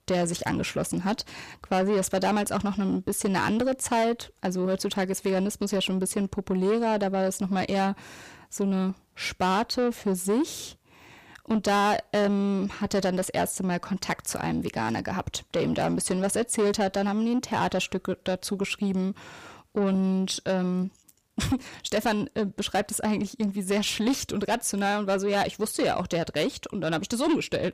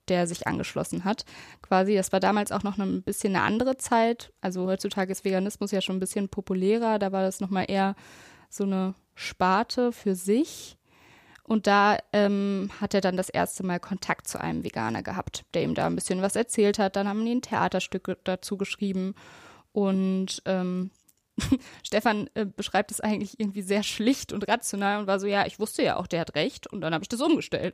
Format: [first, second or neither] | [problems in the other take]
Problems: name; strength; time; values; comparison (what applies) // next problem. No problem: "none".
second | distortion; slight; 10 dB below the speech